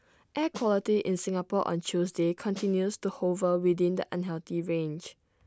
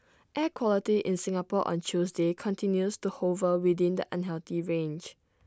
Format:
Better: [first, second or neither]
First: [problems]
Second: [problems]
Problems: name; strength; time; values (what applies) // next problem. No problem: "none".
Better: second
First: background sound (Snare drum); 18 dB below the speech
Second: none